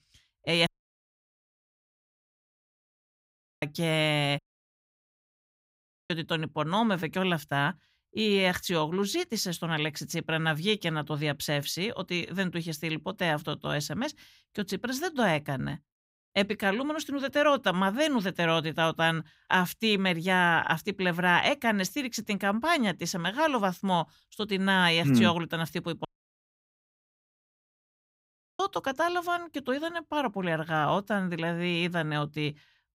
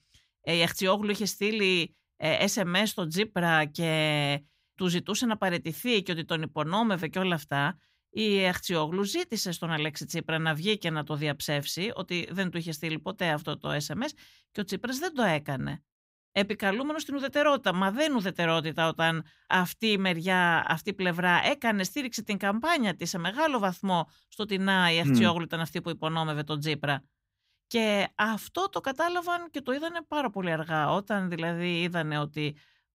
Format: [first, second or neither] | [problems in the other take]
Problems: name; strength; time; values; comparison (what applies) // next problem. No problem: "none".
second | audio cutting out; at 0.5 s for 3 s, at 4.5 s for 1.5 s and at 26 s for 2.5 s